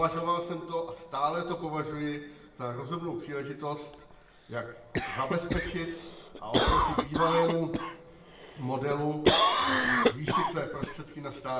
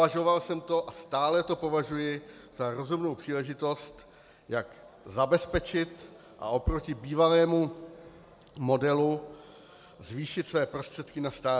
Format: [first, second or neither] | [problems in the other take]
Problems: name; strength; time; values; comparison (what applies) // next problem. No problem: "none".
second | background sound (Cough); 1 dB above the speech // room echo; dies away in 0.7 s